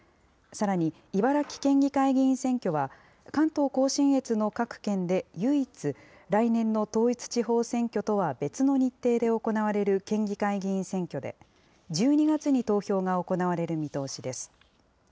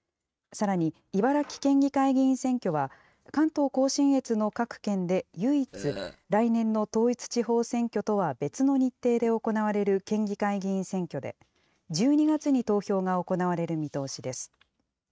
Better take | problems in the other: first | noise reduction (neural mask model RNNoise)

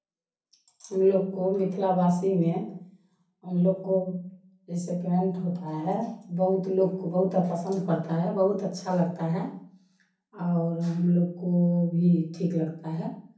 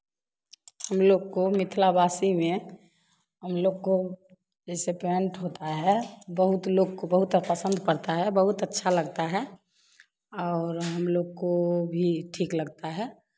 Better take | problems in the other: second | room echo; dies away in 0.6 s

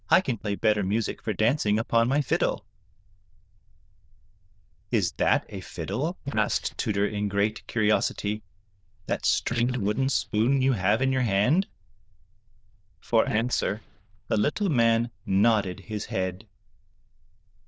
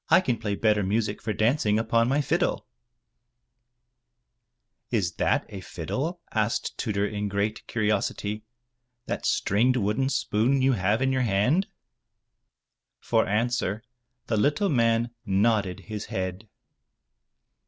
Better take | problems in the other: second | noise reduction (neural diffusion model UNIVERSE++)

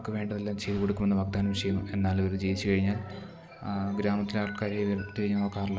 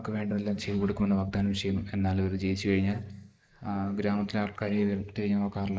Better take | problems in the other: first | noise reduction (neural mask model Resemble Enhance denoiser)

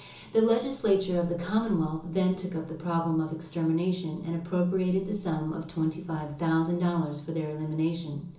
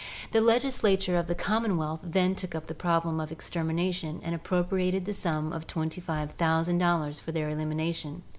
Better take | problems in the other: second | room echo; dies away in 0.7 s

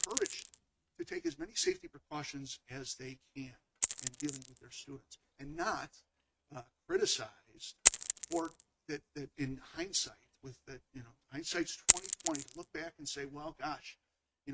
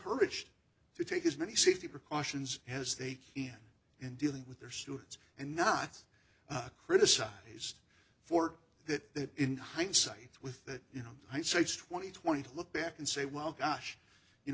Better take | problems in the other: second | noise reduction (neural mask model RNNoise)

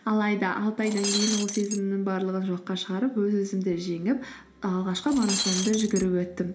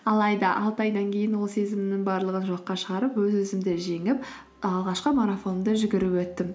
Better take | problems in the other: second | background sound (Shatter); 5 dB below the speech // room echo; dies away in 0.5 s

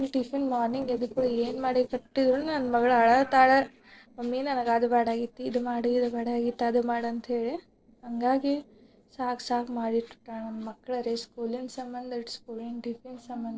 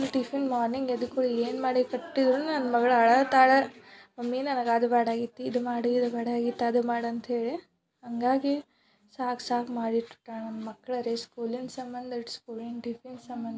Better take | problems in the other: second | noise reduction (neural separator model SepFormer DNS4)

